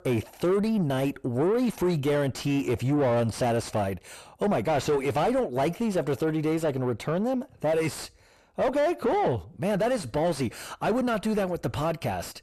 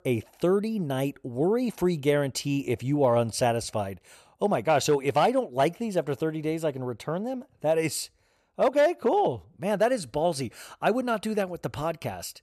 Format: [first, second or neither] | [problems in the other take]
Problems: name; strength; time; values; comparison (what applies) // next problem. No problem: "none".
second | distortion; heavy; 7 dB below the speech